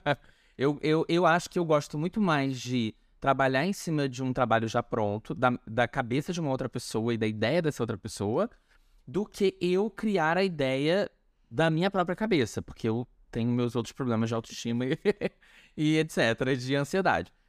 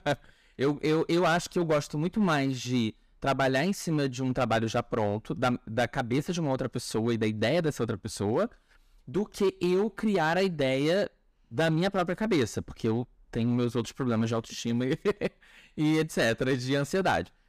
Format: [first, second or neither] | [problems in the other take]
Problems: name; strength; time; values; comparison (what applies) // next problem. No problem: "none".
first | distortion; slight; 6% of the sound clipped